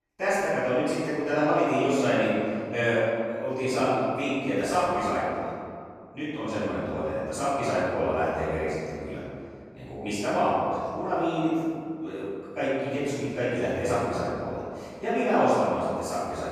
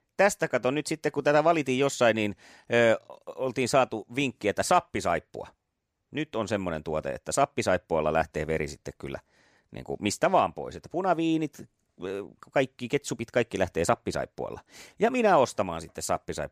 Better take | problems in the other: second | off-mic speech; far // room echo; strong; dies away in 2.1 s

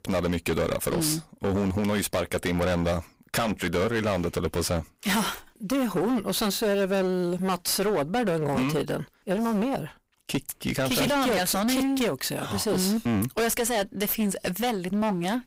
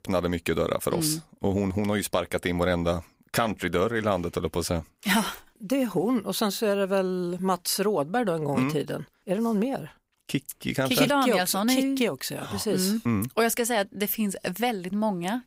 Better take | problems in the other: second | distortion; heavy; 24% of the sound clipped

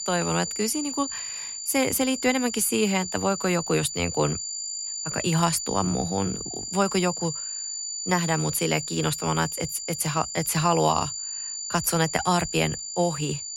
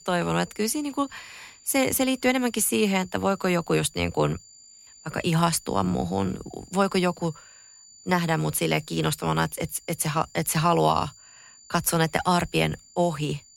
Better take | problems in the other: second | high-pitched whine; loud; throughout; 7 kHz, 5 dB below the speech; faint in the second

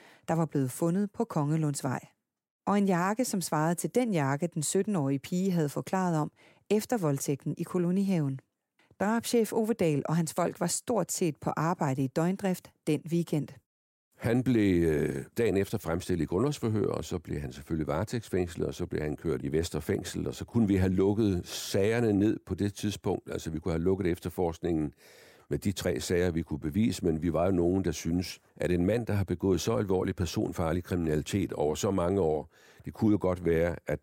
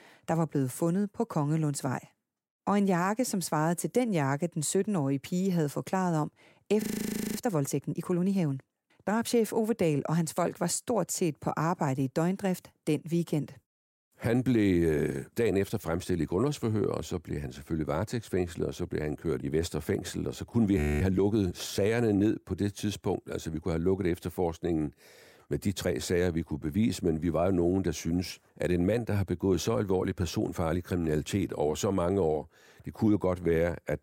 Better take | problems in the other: first | audio freezing; at 7 s for 0.5 s and at 21 s

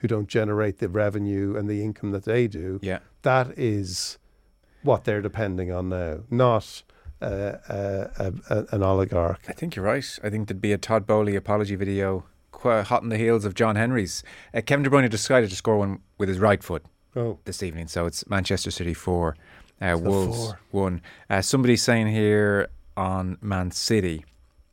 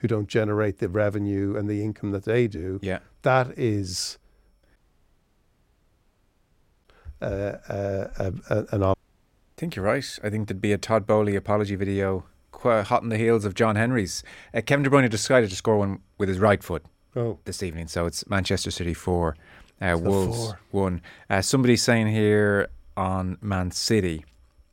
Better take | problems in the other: first | audio cutting out; at 5 s for 2 s and at 9 s for 0.5 s

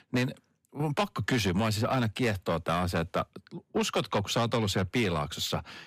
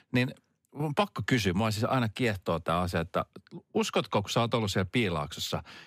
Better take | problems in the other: second | distortion; slight; 10 dB below the speech

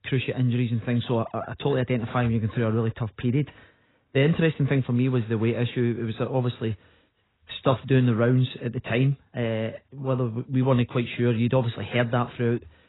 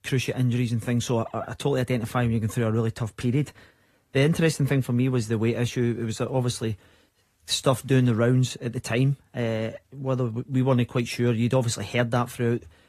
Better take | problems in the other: second | garbled, watery; badly; nothing above 4 kHz; slightly in the second

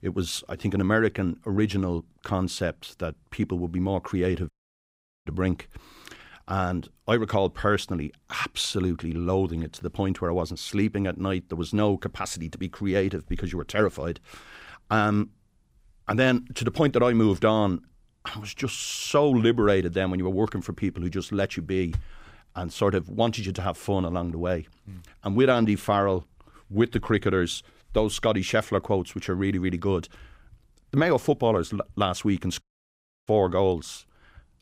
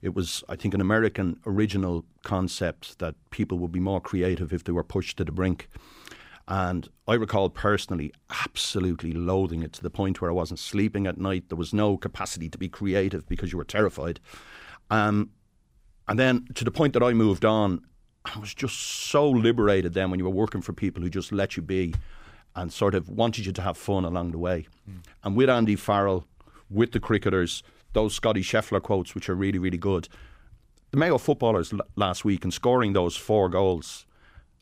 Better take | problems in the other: second | audio cutting out; at 4.5 s for 1 s and at 33 s for 0.5 s

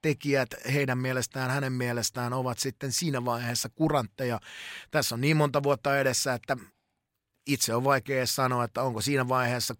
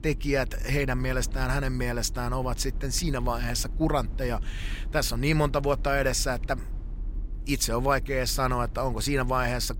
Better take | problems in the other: first | low rumble; faint; throughout; 25 dB below the speech

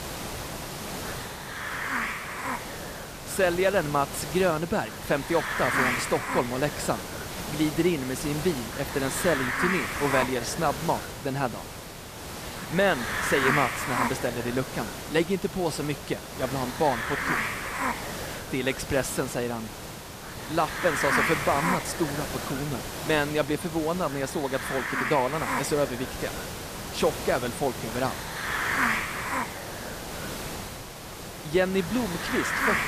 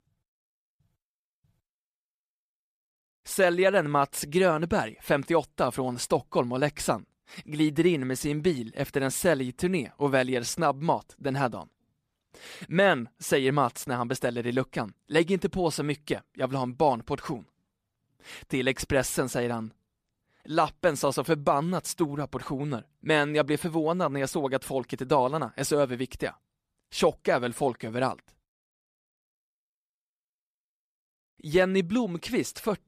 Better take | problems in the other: second | hiss; loud; throughout; 3 dB below the speech

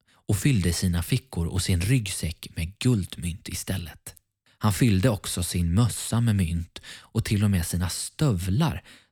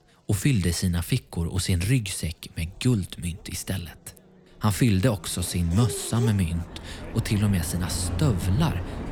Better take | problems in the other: first | traffic noise; loud; throughout; 9 dB below the speech

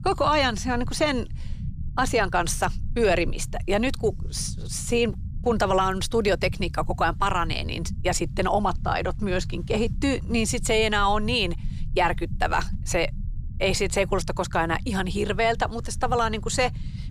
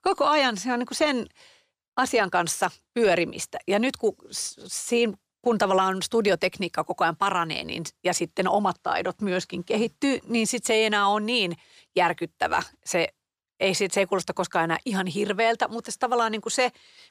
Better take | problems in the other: second | low rumble; faint; throughout; 25 dB below the speech

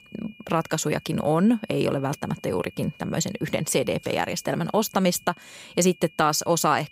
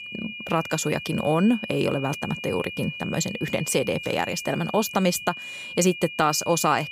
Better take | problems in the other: first | high-pitched whine; loud; throughout; 2.5 kHz, 9 dB below the speech; faint in the first

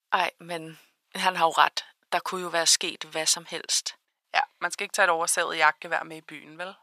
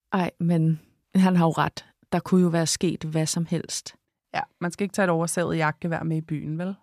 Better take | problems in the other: second | thin; very; fading below 900 Hz

